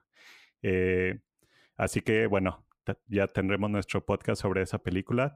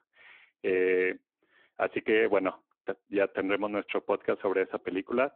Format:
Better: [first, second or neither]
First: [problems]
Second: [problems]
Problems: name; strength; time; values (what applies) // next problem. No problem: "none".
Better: first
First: none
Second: phone-call audio